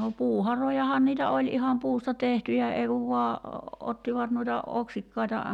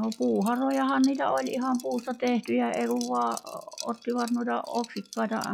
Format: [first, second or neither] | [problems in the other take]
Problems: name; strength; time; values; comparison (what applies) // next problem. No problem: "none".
first | noise reduction (classical method log-MMSE)